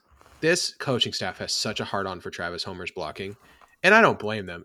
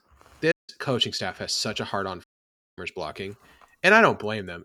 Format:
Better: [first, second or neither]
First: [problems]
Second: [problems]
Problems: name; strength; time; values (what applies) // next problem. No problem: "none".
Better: first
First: none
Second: audio cutting out; at 0.5 s and at 2 s for 0.5 s